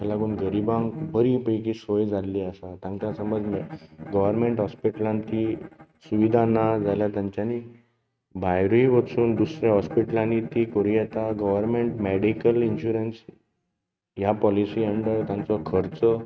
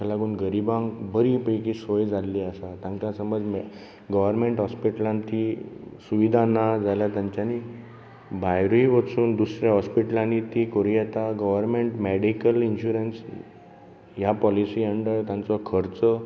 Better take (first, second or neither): second